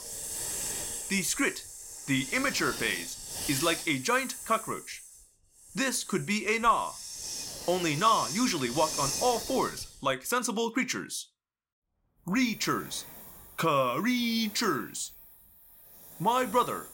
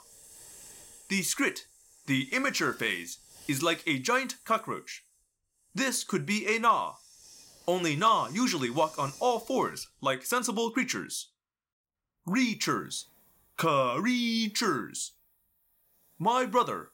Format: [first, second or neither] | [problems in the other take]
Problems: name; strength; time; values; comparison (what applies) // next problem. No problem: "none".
second | hiss; loud; throughout; 8 dB below the speech; faint in the second